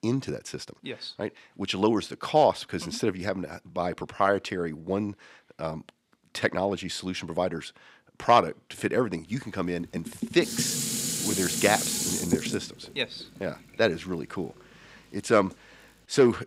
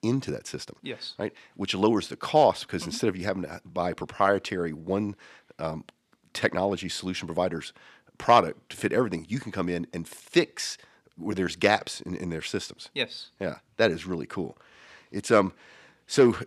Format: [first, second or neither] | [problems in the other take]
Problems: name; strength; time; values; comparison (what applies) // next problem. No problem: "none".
second | clattering dishes; loud; from 10 to 13 s; peak 2 dB above the speech